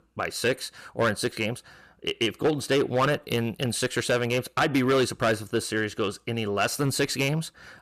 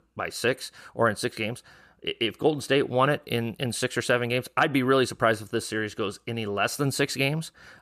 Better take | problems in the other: second | distortion; slight; 5% of the sound clipped

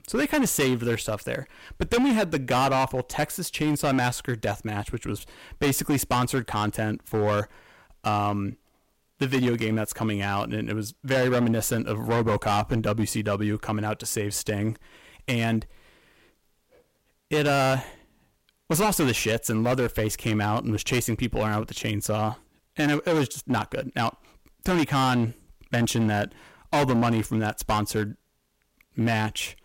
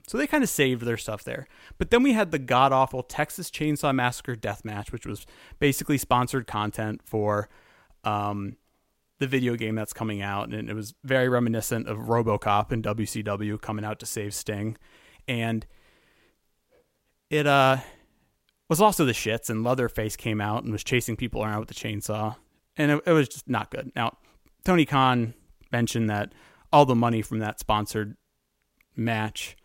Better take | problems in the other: second | distortion; heavy; 10% of the sound clipped

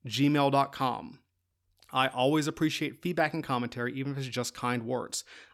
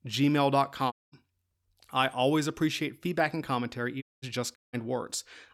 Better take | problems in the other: first | audio cutting out; at 1 s, at 4 s and at 4.5 s

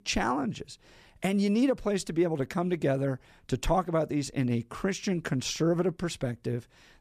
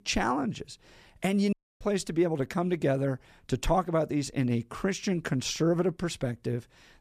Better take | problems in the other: first | audio cutting out; at 1.5 s

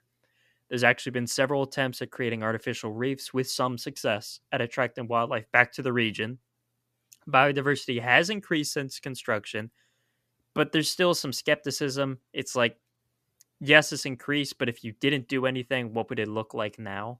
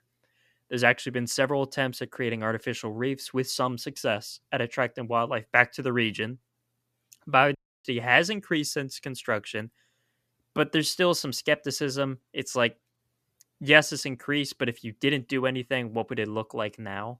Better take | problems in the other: first | audio cutting out; at 7.5 s

